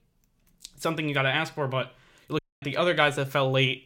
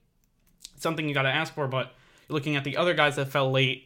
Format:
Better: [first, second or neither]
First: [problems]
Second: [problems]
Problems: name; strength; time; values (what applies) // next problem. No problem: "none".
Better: second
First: audio cutting out; at 2.5 s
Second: none